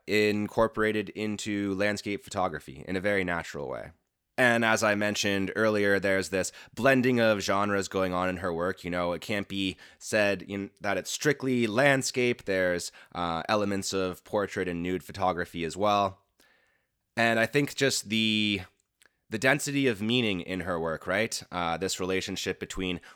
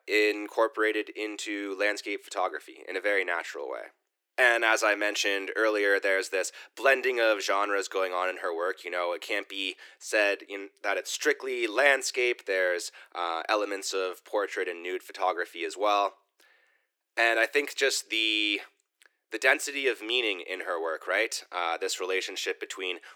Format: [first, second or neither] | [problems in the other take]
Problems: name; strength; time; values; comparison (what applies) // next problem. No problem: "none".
first | thin; very; fading below 300 Hz